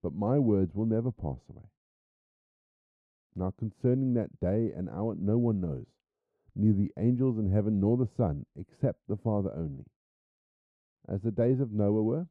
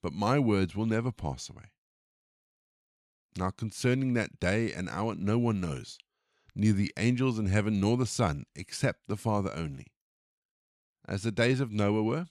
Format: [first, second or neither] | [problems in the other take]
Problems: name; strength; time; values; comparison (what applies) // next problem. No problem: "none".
second | muffled; very; fading above 1.5 kHz